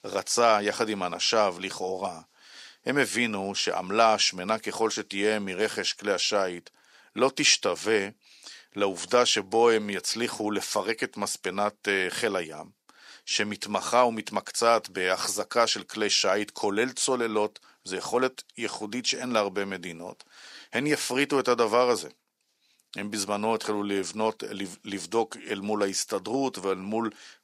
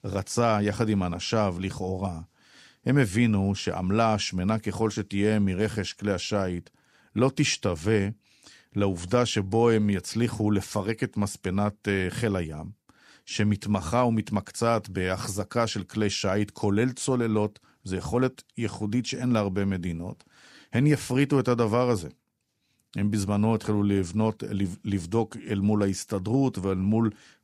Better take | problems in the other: second | thin; somewhat; fading below 450 Hz

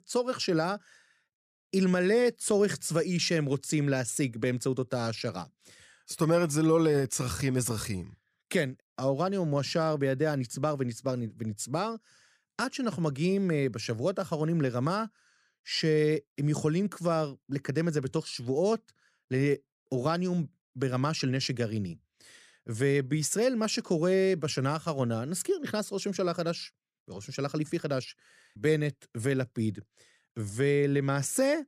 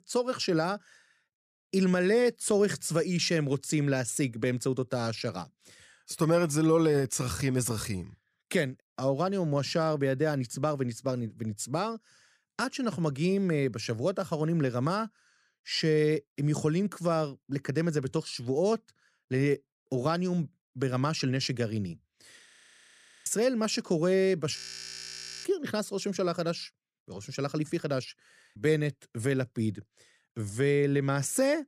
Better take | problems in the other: first | audio freezing; at 22 s for 1 s and at 25 s for 1 s

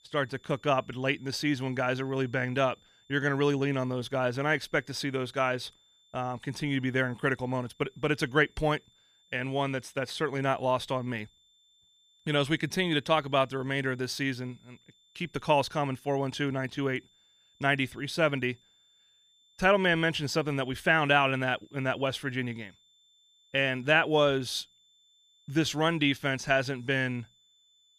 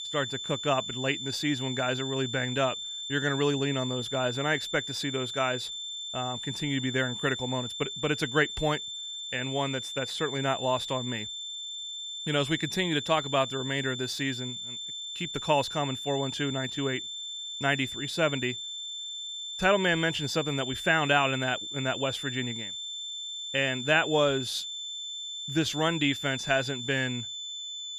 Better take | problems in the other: first | high-pitched whine; loud; throughout; 3.5 kHz, 5 dB below the speech; faint in the first

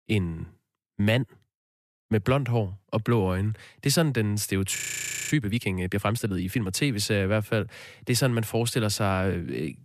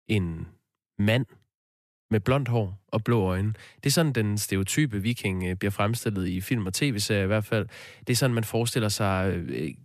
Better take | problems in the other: second | audio freezing; at 5 s for 0.5 s

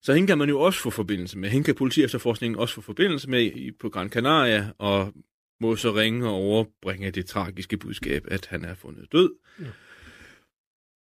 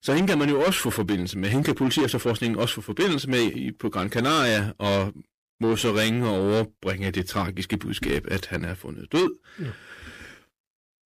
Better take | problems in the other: first | distortion; heavy; 7 dB below the speech

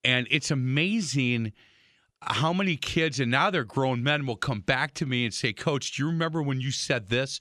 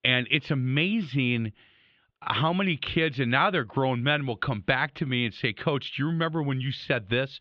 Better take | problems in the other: first | muffled; very; fading above 3.5 kHz

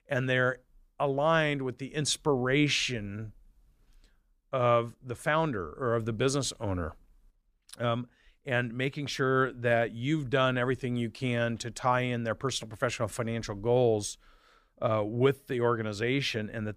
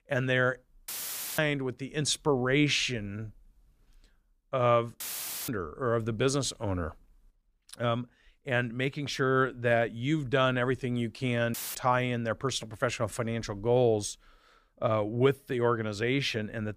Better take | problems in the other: first | audio cutting out; filled with static; at 1 s, at 5 s and at 12 s

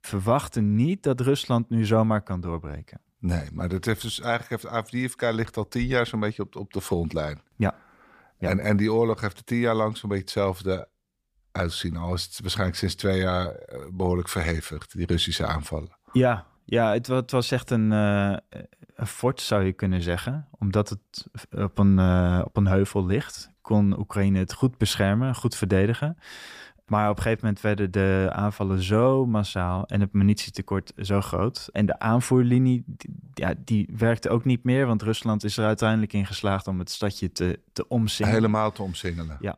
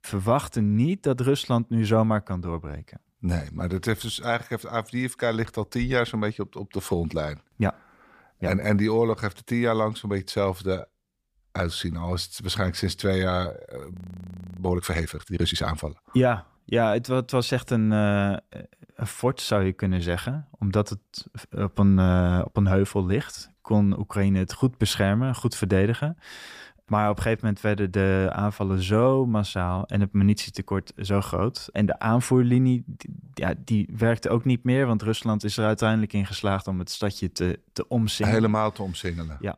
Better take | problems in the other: first | audio freezing; at 14 s for 0.5 s

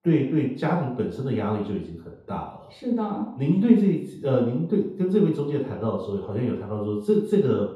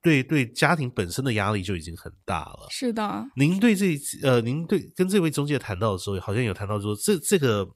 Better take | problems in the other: second | room echo; noticeable; dies away in 0.8 s // off-mic speech; far

